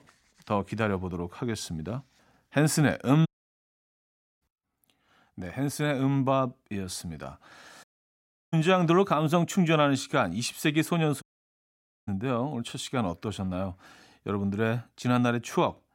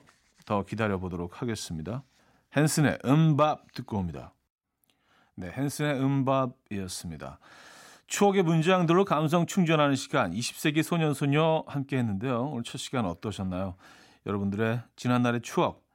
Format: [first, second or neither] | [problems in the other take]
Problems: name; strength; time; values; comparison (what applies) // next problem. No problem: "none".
second | audio cutting out; at 3.5 s for 1 s, at 8 s for 0.5 s and at 11 s for 1 s